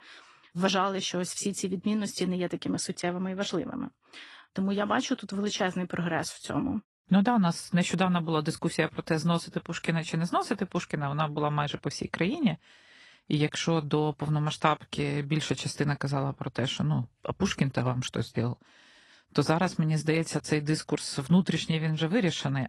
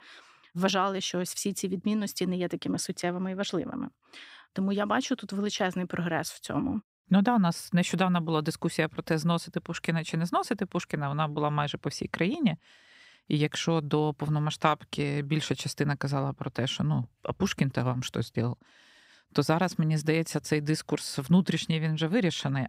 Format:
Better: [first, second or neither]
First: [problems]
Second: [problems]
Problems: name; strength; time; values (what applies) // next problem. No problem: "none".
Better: second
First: garbled, watery; slightly; nothing above 11 kHz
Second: none